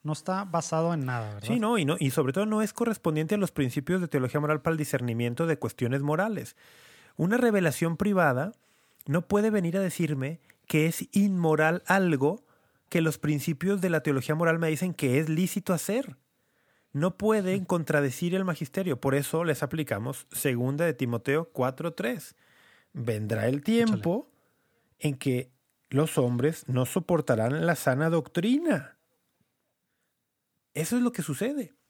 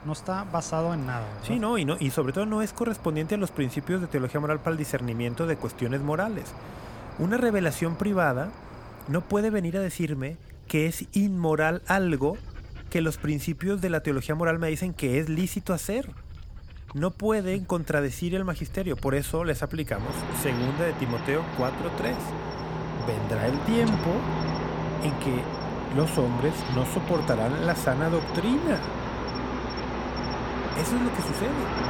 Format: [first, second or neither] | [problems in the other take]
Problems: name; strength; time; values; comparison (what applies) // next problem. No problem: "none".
first | animal sounds; loud; throughout; 6 dB below the speech